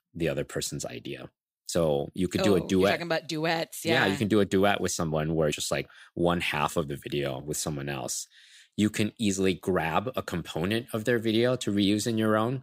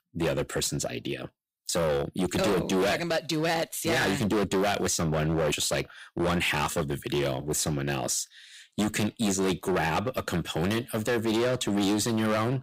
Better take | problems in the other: first | distortion; heavy; 16% of the sound clipped

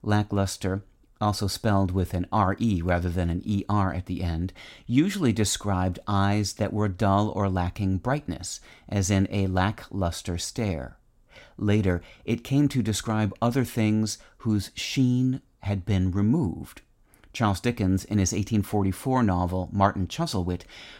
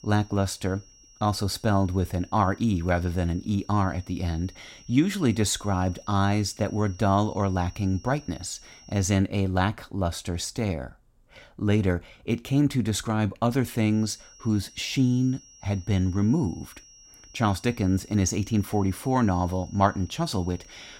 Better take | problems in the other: first | high-pitched whine; faint; until 9 s and from 14 s on; 5.5 kHz, 25 dB below the speech

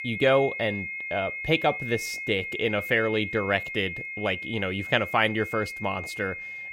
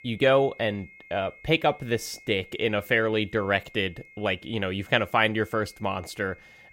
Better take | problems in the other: second | high-pitched whine; loud; throughout; 2 kHz, 6 dB below the speech; faint in the second

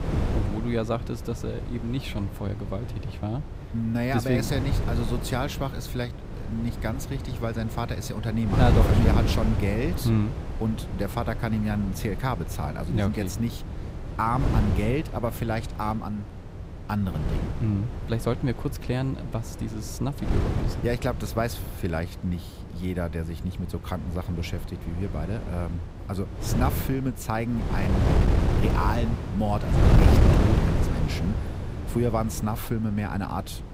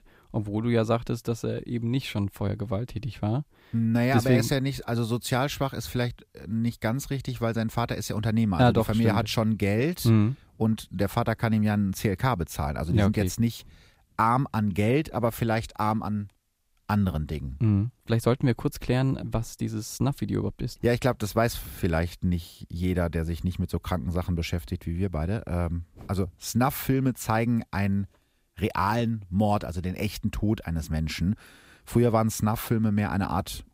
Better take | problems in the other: second | wind noise on the microphone; heavy; 4 dB below the speech

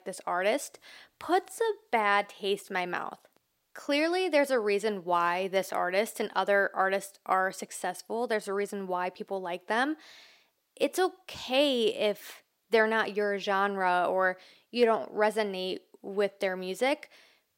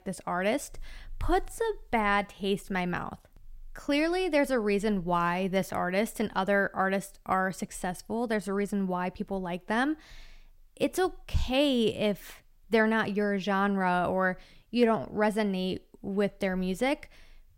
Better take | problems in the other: second | thin; somewhat; fading below 400 Hz

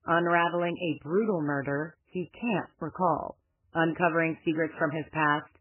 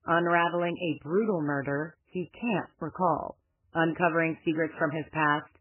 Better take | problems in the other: neither | garbled, watery; badly; nothing above 3 kHz; the same in both

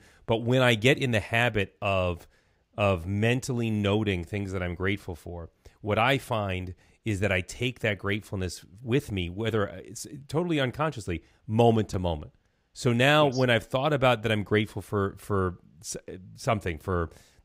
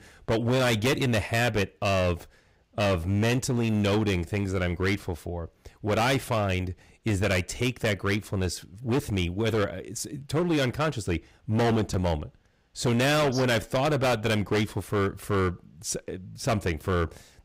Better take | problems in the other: first | distortion; heavy; 14% of the sound clipped

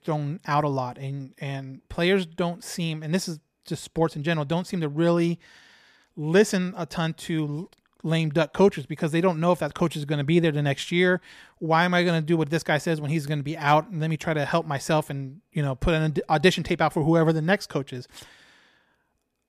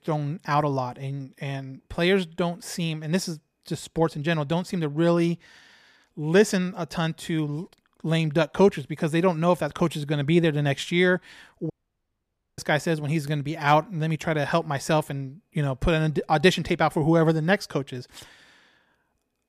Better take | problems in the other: first | audio cutting out; at 12 s for 1 s

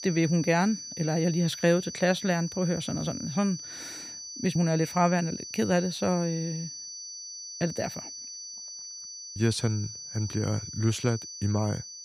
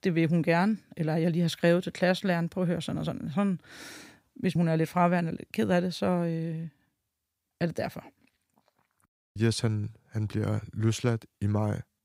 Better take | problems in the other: second | high-pitched whine; loud; throughout; 6 kHz, 10 dB below the speech

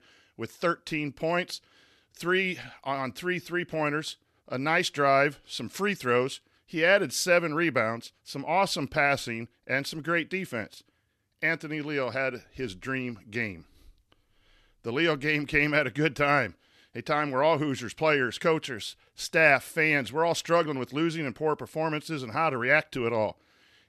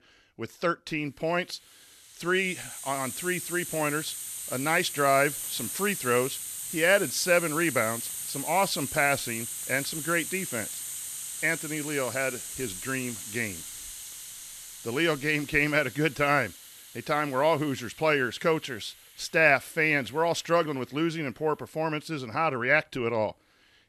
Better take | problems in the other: first | hiss; loud; throughout; 7 dB below the speech

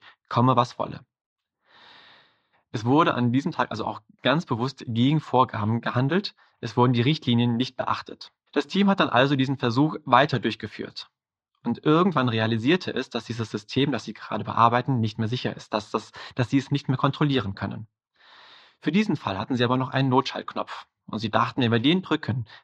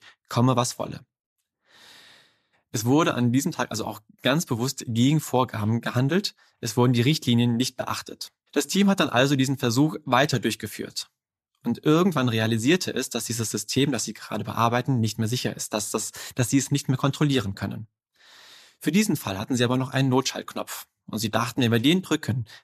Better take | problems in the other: second | muffled; slightly; fading above 4 kHz

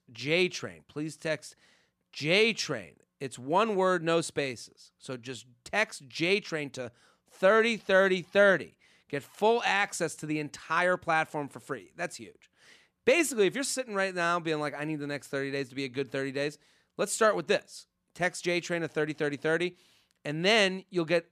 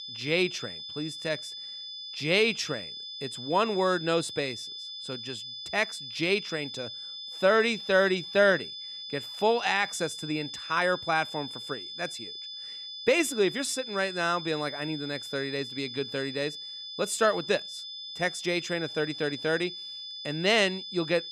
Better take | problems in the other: first | high-pitched whine; loud; throughout; 3.5 kHz, 9 dB below the speech

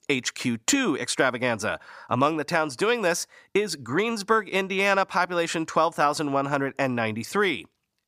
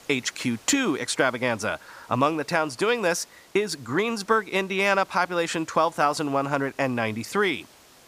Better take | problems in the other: first | hiss; faint; throughout; 25 dB below the speech

